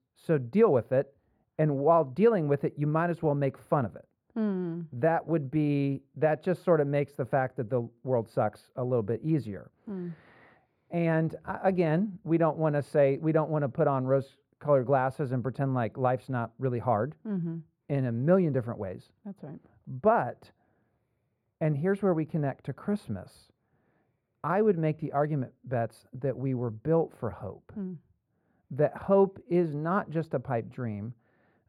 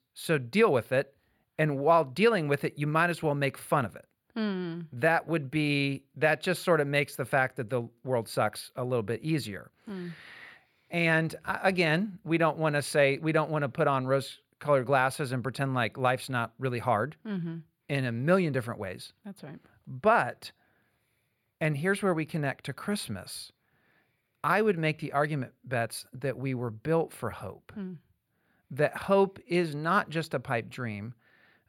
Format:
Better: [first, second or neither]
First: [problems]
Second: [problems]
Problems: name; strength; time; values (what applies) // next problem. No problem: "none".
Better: second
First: muffled; very; fading above 1.5 kHz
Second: none